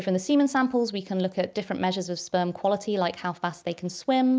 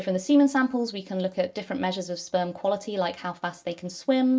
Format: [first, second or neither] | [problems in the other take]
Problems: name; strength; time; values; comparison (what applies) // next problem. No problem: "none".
first | room echo; dies away in 0.1 s